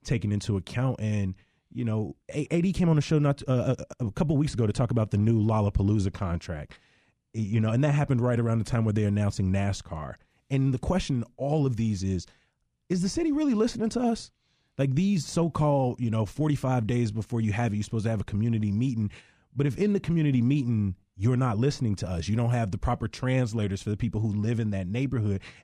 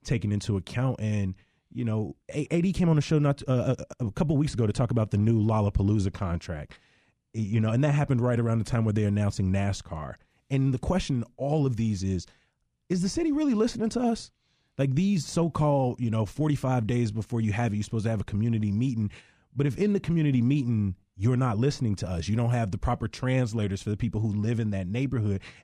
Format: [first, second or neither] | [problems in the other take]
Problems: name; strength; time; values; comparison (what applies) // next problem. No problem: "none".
neither | none